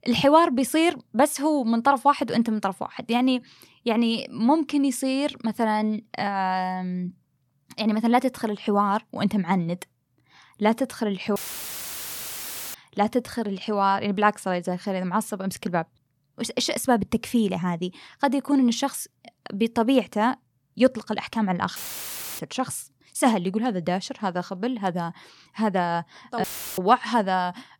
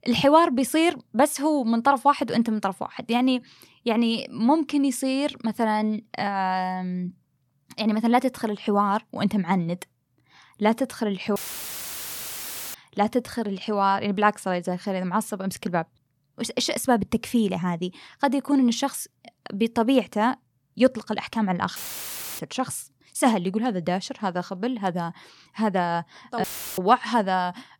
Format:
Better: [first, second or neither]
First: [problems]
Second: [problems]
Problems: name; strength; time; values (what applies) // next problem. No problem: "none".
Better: neither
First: audio cutting out; filled with static; at 11 s for 1.5 s, at 22 s for 0.5 s and at 26 s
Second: audio cutting out; filled with static; at 11 s for 1.5 s, at 22 s for 0.5 s and at 26 s